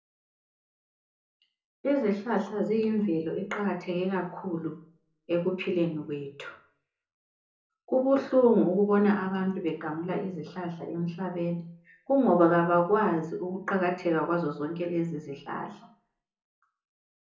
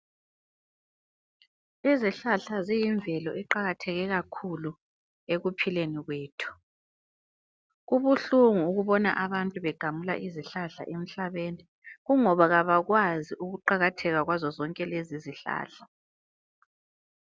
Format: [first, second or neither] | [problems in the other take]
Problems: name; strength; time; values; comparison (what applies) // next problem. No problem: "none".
second | room echo; dies away in 0.6 s